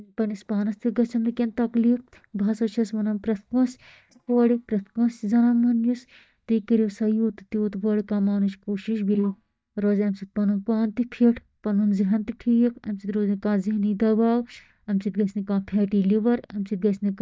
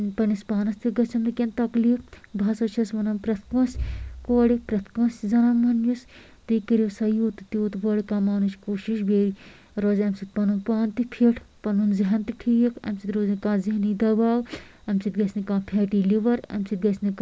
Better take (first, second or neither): second